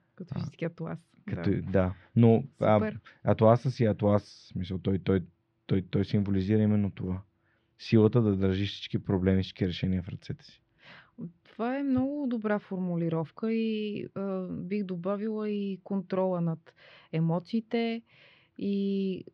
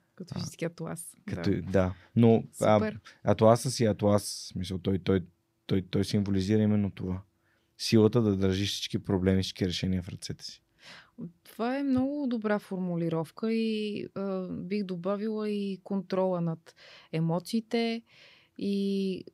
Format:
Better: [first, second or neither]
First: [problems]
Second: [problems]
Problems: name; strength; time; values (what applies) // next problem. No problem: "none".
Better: second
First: muffled; slightly; fading above 3.5 kHz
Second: none